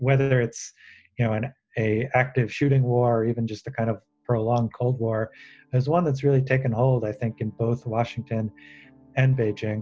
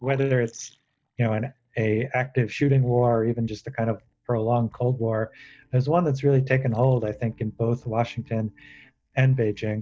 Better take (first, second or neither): first